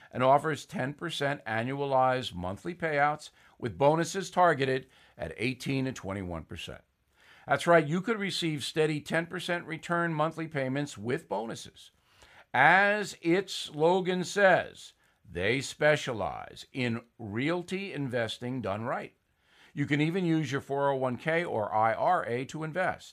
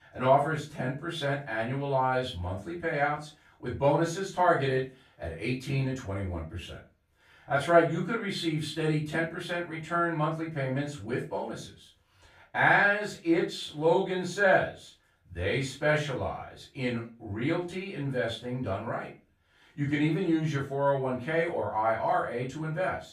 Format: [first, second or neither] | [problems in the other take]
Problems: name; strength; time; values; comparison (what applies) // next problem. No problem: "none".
first | off-mic speech; far // room echo; slight; dies away in 0.3 s